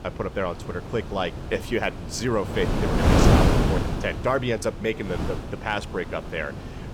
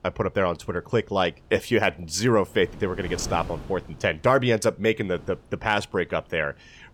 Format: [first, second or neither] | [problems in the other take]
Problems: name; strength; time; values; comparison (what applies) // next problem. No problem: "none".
second | wind noise on the microphone; heavy; 2 dB above the speech; occasional gusts in the second